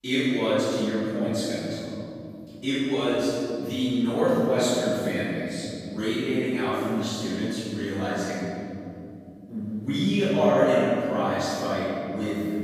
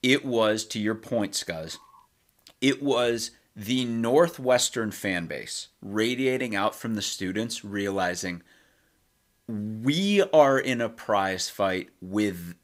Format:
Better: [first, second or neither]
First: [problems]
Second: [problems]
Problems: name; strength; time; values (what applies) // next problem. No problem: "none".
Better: second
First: off-mic speech; far // room echo; strong; dies away in 3 s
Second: none